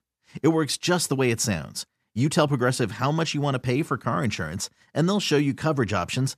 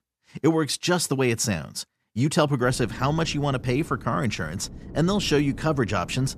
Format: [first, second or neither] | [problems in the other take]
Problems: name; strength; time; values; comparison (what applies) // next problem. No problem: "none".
first | wind noise on the microphone; occasional gusts; from 2.5 s on; 20 dB below the speech